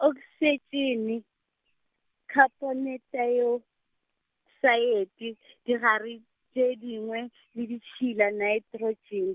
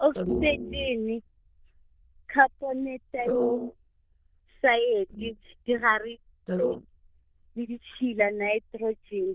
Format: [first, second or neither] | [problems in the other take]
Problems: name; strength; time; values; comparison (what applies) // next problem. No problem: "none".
first | noise reduction (neural diffusion model UNIVERSE++)